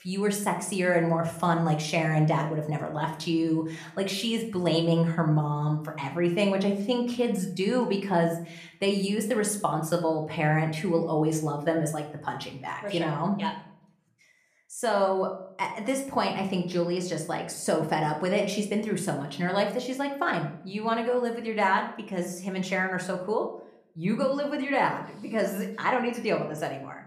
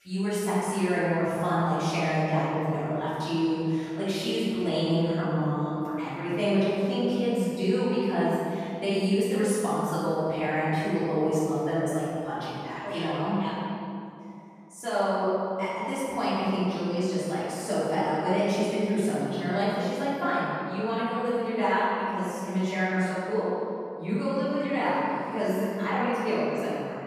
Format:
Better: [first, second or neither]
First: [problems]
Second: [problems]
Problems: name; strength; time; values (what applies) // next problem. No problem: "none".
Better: first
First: room echo; slight; dies away in 0.5 s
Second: room echo; strong; dies away in 2.3 s // off-mic speech; far